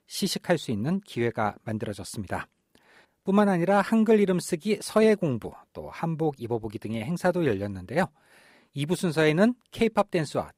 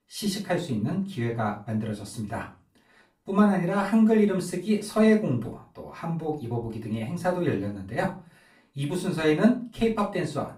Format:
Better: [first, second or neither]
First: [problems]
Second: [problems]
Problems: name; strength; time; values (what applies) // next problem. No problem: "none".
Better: first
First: none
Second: room echo; slight; dies away in 0.3 s // off-mic speech; far